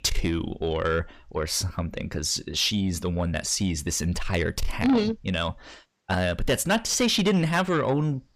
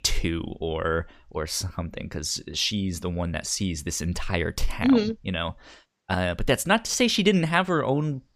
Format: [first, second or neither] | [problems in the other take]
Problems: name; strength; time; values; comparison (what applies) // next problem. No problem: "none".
second | distortion; slight; 10 dB below the speech